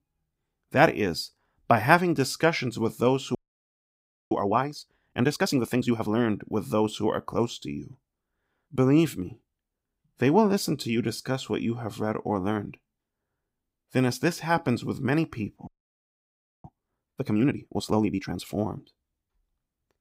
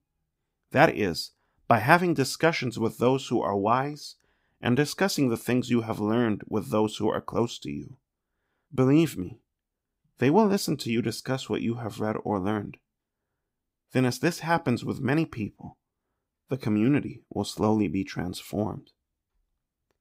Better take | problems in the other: second | audio freezing; at 3.5 s for 1 s and at 16 s for 1 s

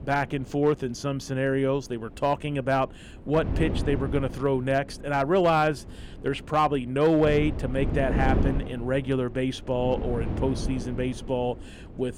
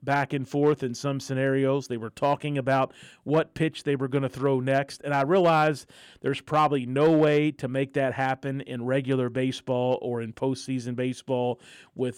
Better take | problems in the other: second | wind noise on the microphone; occasional gusts; 10 dB below the speech

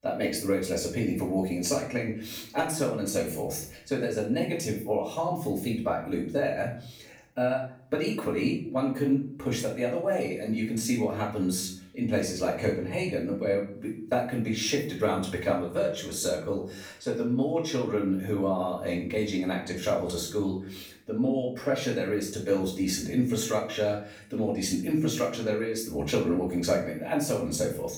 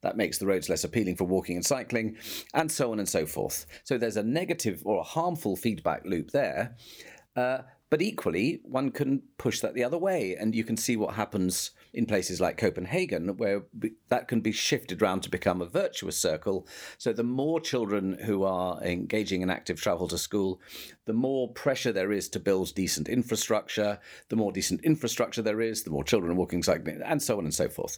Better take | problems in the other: second | off-mic speech; far // room echo; slight; dies away in 0.5 s

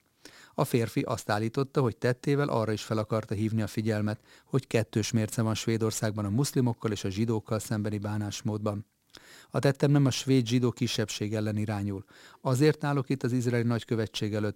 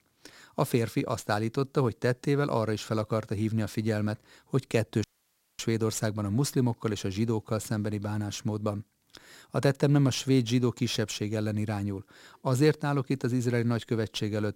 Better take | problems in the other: first | audio cutting out; at 5 s for 0.5 s

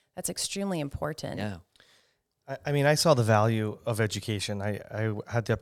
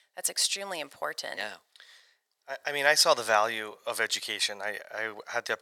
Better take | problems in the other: first | thin; very; fading below 750 Hz

